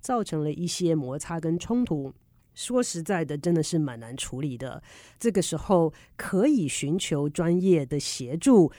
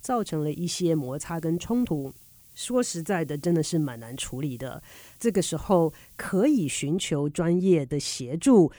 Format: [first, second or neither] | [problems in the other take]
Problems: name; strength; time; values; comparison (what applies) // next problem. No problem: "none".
first | hiss; faint; until 7 s; 25 dB below the speech